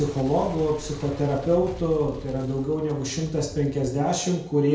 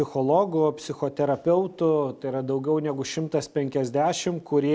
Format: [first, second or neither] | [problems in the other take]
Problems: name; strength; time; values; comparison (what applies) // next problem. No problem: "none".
second | background sound (Boom); 15 dB below the speech // room echo; dies away in 0.5 s